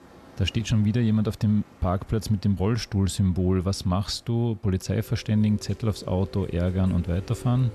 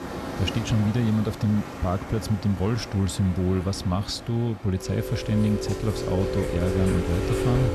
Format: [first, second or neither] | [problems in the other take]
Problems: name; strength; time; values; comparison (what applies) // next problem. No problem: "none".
first | rain or running water; loud; throughout; 6 dB below the speech; faint in the first